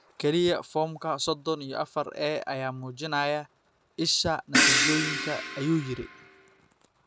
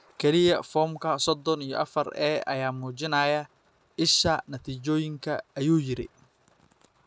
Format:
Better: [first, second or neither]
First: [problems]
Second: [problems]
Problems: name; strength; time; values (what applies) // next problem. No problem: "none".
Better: second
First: background sound (Crash cymbal); 3 dB above the speech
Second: none